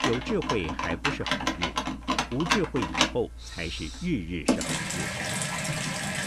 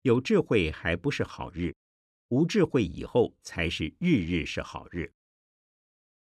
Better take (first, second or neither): second